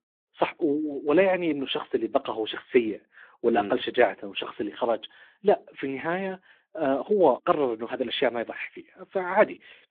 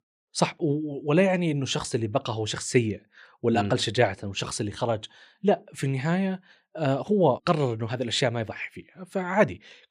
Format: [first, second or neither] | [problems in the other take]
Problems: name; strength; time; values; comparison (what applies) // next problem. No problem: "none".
second | phone-call audio; nothing above 3.5 kHz